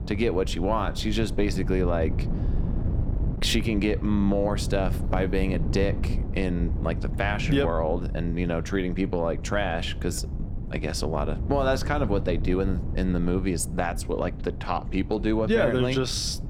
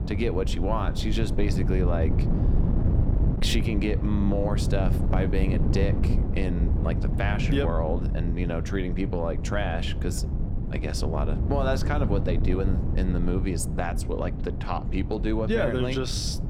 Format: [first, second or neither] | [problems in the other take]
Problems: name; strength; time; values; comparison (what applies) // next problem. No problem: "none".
first | wind noise on the microphone; heavy; 8 dB below the speech; occasional gusts in the first